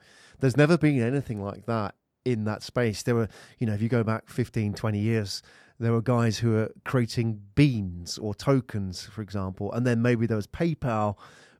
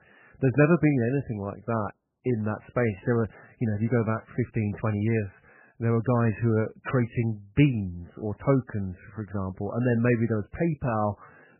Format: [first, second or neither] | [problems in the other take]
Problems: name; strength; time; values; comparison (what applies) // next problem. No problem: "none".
first | garbled, watery; badly; nothing above 3 kHz